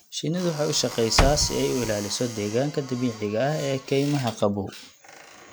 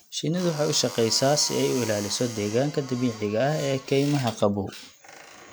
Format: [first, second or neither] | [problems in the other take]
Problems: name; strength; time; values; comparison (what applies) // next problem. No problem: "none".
second | background sound (Slam / Wood); 3 dB below the speech